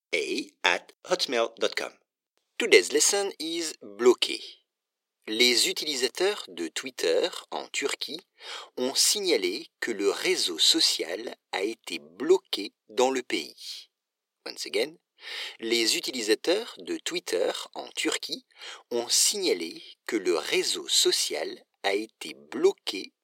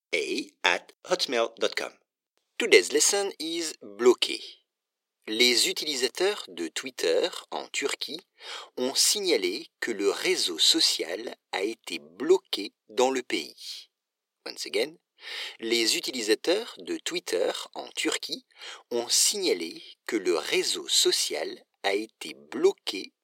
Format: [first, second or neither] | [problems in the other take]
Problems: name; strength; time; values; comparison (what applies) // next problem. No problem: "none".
neither | thin; very; fading below 400 Hz; the same in both